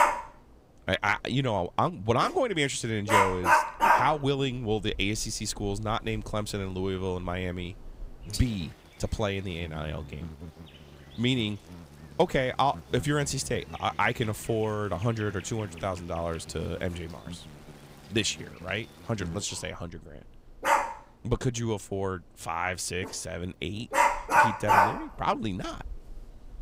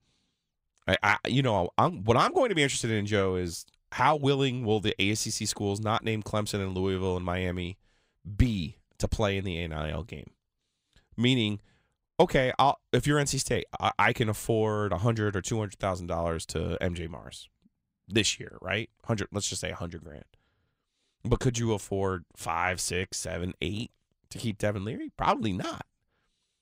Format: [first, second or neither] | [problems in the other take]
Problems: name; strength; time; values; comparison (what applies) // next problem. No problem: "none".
second | animal sounds; very loud; throughout; 4 dB above the speech